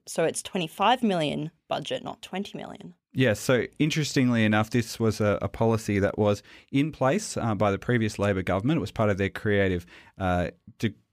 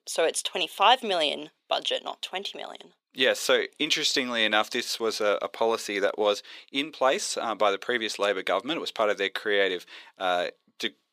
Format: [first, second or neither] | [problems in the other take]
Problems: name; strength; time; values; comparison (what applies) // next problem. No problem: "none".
first | thin; very; fading below 400 Hz